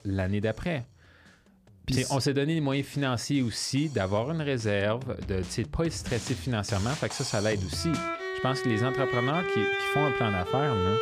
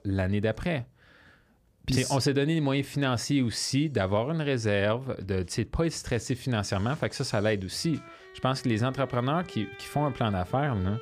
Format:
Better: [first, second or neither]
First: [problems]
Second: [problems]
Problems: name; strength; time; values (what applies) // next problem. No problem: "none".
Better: second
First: background music; loud; throughout; 2 dB below the speech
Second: background music; faint; throughout; 20 dB below the speech